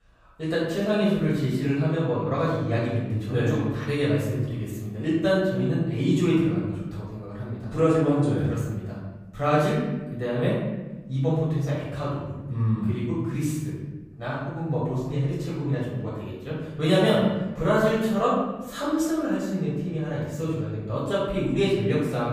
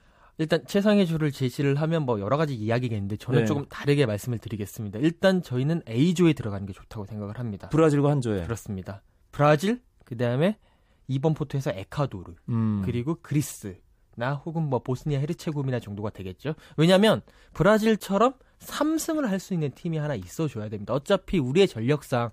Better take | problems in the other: second | off-mic speech; far // room echo; noticeable; dies away in 1.1 s

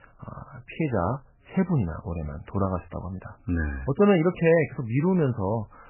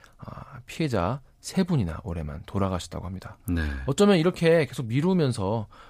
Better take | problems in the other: second | garbled, watery; badly; nothing above 3 kHz

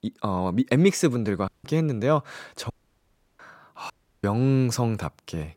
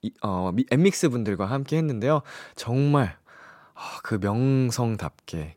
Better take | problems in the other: second | audio cutting out; at 1.5 s, at 2.5 s for 0.5 s and at 4 s

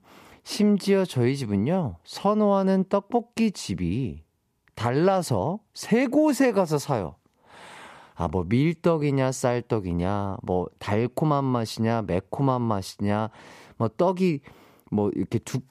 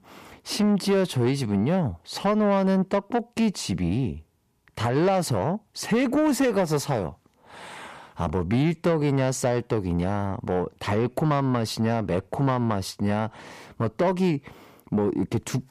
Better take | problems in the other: first | distortion; slight; 10 dB below the speech

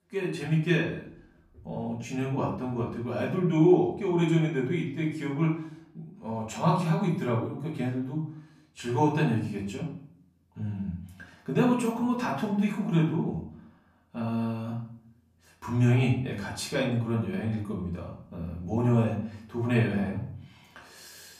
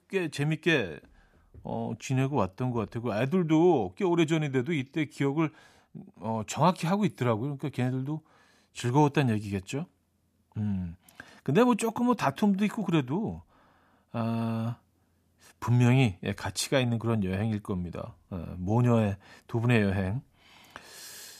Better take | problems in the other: second | off-mic speech; far // room echo; slight; dies away in 0.5 s

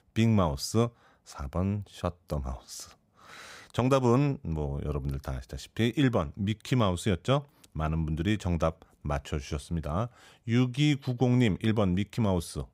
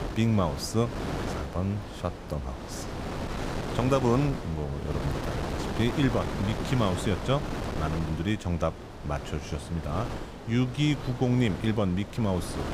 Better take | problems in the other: first | wind noise on the microphone; heavy; 5 dB below the speech

